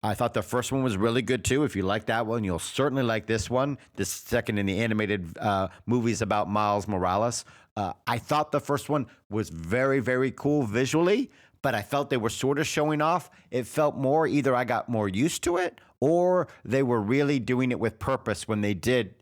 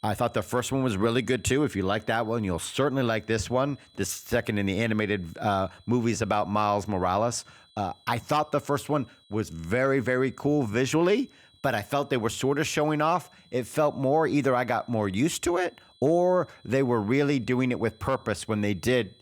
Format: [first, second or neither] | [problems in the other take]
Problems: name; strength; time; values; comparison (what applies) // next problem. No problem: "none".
first | high-pitched whine; faint; throughout; 4 kHz, 30 dB below the speech